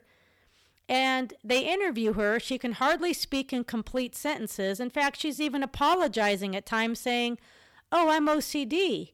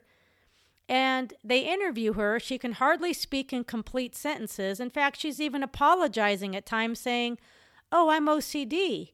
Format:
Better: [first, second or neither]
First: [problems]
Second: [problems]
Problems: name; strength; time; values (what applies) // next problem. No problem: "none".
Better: second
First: distortion; slight; 5% of the sound clipped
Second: none